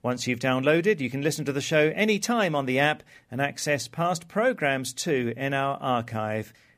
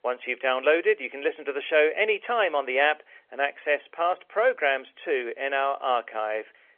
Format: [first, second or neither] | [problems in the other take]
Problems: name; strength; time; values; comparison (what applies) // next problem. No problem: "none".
first | phone-call audio; nothing above 3 kHz